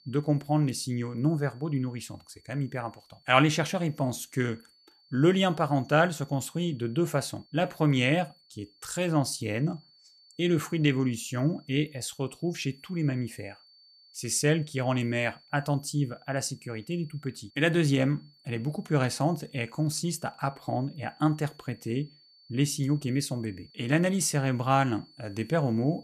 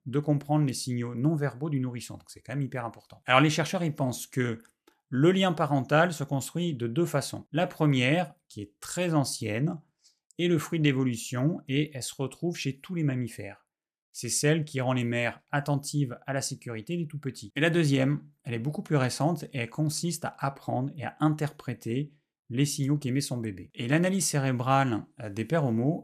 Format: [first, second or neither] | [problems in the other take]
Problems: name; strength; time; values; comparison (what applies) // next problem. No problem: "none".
second | high-pitched whine; faint; throughout; 4.5 kHz, 30 dB below the speech